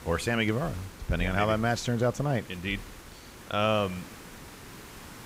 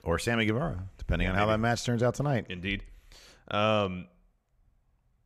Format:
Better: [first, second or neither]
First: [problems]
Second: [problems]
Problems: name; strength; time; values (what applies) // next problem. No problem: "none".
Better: second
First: hiss; noticeable; throughout; 15 dB below the speech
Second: none